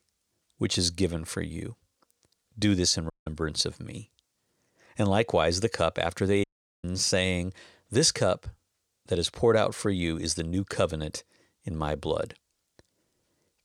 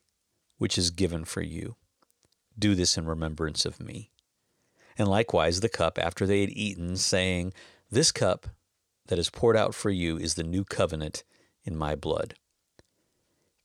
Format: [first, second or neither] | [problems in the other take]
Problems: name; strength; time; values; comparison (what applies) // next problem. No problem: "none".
second | audio cutting out; at 3 s and at 6.5 s